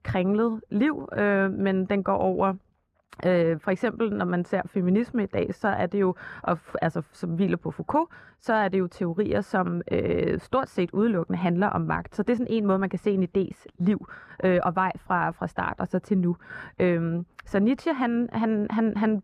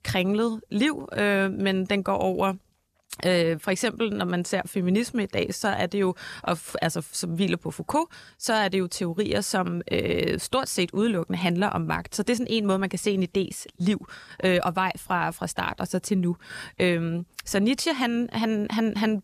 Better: second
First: muffled; very; fading above 3 kHz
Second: none

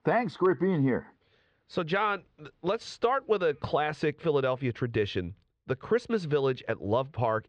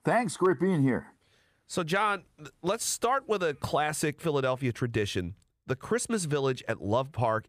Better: second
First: muffled; slightly; fading above 4.5 kHz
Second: none

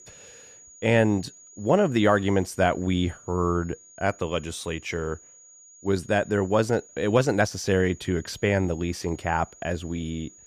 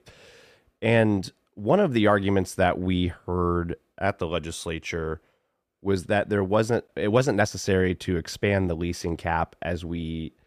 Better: second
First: high-pitched whine; faint; throughout; 7 kHz, 25 dB below the speech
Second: none

